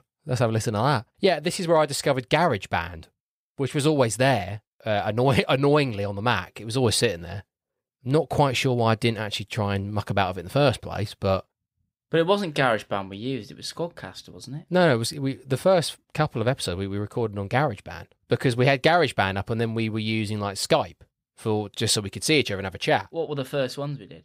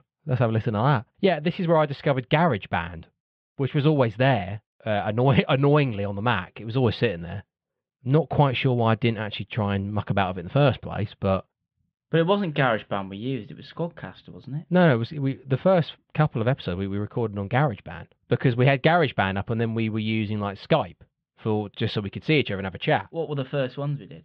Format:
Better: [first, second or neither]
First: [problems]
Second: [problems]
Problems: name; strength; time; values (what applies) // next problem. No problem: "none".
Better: first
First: none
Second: muffled; very; fading above 3.5 kHz